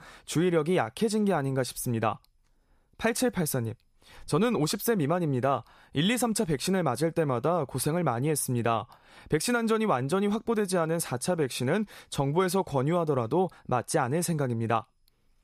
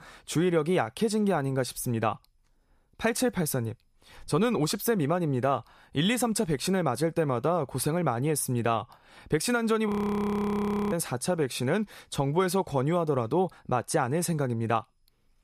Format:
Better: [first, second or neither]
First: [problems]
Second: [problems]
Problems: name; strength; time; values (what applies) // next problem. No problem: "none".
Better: first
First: none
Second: audio freezing; at 10 s for 1 s